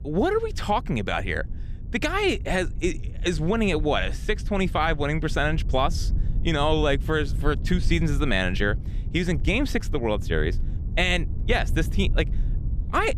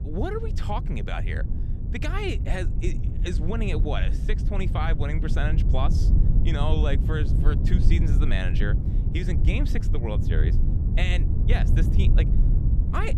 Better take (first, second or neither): first